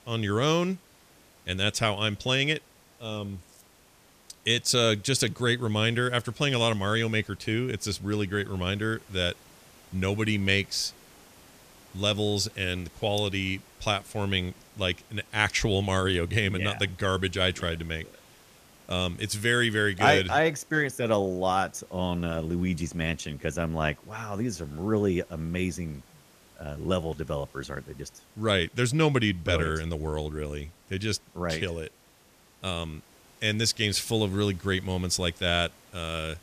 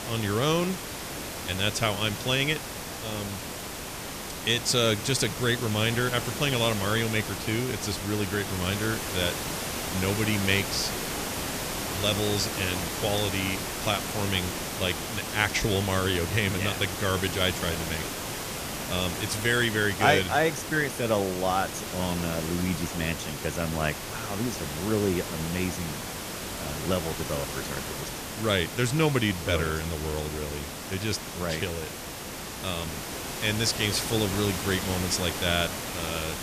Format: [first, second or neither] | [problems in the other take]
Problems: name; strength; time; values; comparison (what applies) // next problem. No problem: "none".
first | hiss; loud; throughout; 5 dB below the speech; faint in the first